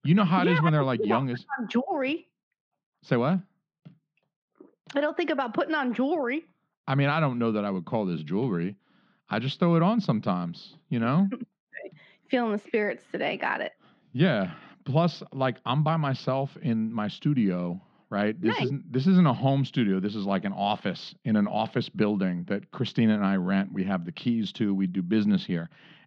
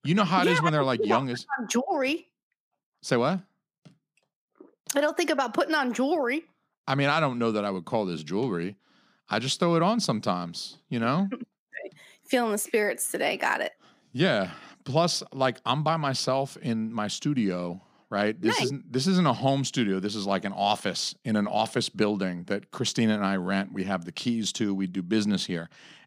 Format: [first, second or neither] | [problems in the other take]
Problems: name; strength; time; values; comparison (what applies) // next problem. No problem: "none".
second | muffled; slightly; fading above 3.5 kHz